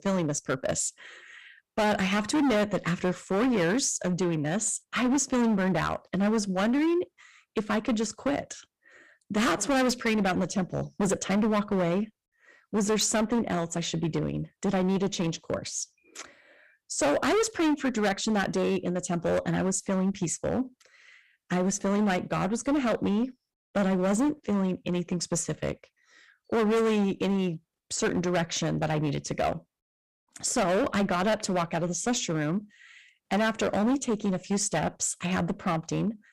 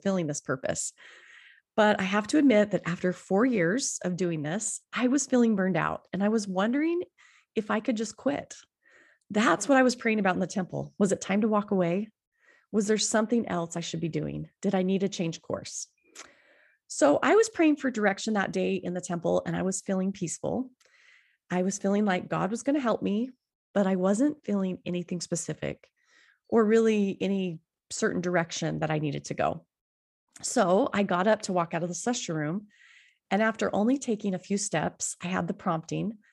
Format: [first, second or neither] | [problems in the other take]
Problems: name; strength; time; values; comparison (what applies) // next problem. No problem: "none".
second | distortion; heavy; 13% of the sound clipped